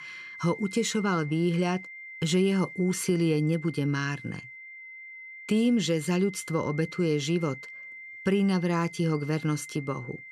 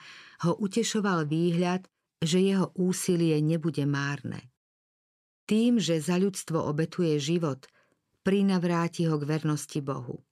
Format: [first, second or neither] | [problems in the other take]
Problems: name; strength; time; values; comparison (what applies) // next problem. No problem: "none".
second | high-pitched whine; noticeable; throughout; 2 kHz, 15 dB below the speech